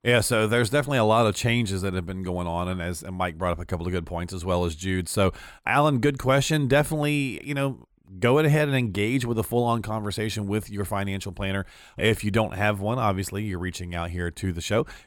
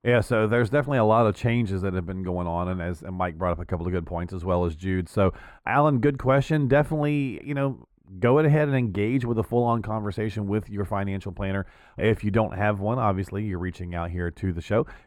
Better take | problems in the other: first | muffled; very; fading above 2.5 kHz

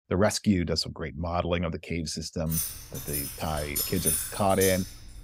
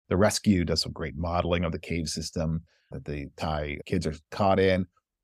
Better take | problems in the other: second | jangling keys; loud; from 2.5 s on; peak 3 dB above the speech

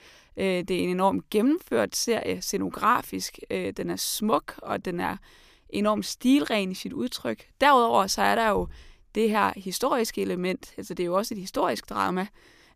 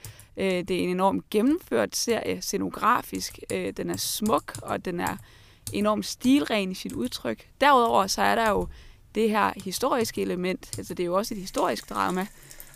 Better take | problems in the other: first | household noises; noticeable; throughout; 20 dB below the speech

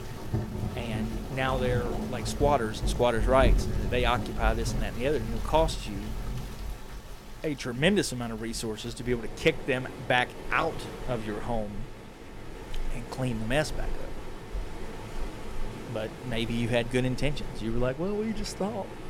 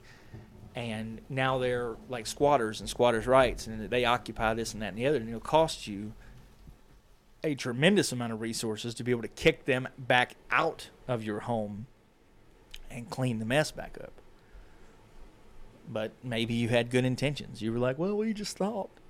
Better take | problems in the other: second | rain or running water; loud; throughout; 7 dB below the speech; faint in the second

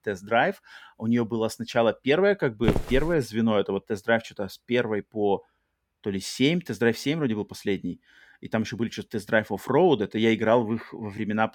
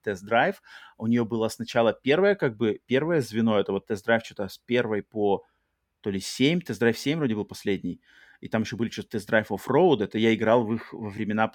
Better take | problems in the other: second | footsteps; noticeable; at 2.5 s; peak 2 dB below the speech

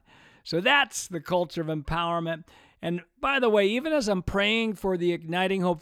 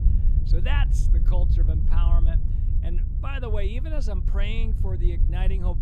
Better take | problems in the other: first | low rumble; loud; throughout; 6 dB below the speech

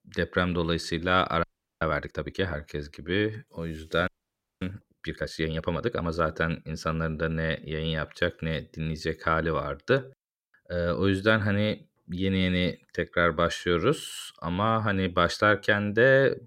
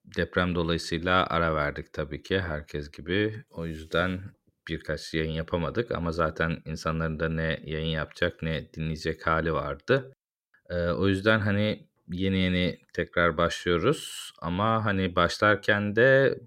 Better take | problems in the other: second | audio freezing; at 1.5 s and at 4 s for 0.5 s

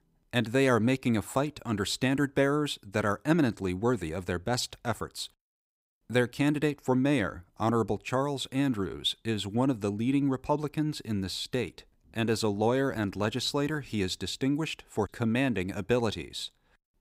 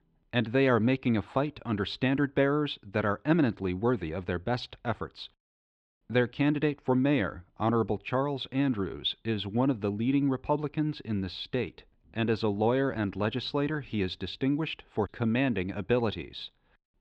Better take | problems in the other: first | muffled; slightly; fading above 3.5 kHz

